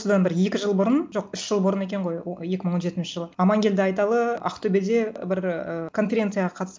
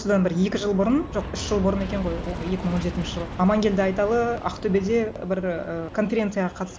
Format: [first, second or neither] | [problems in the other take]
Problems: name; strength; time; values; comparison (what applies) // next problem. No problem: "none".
first | background sound (Aircraft); 11 dB below the speech